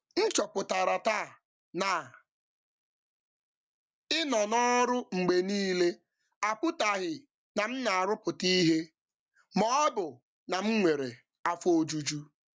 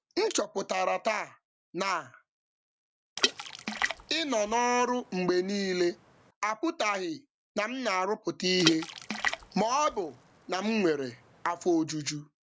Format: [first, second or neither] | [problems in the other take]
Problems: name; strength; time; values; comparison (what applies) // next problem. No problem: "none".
first | background sound (Water / Splash, splatter); 6 dB below the speech